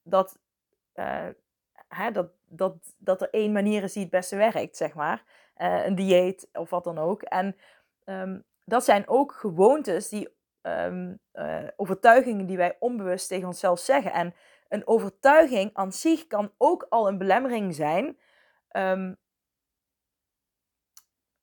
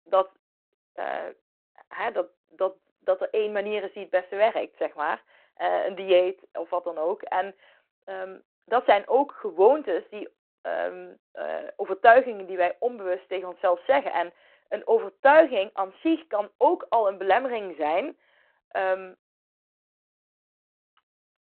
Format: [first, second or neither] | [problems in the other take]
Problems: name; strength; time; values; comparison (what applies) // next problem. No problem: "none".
first | phone-call audio